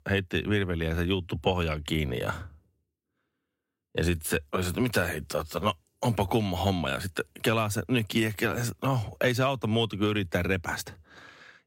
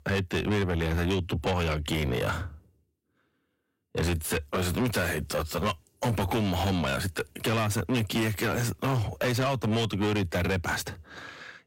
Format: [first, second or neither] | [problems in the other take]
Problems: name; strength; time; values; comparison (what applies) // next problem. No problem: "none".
first | distortion; heavy; 7 dB below the speech